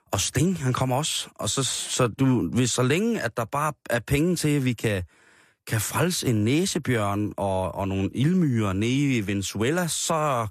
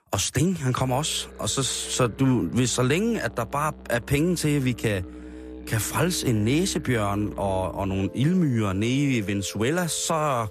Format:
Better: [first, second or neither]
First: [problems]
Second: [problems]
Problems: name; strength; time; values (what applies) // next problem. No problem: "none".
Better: first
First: none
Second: background music; noticeable; throughout; 15 dB below the speech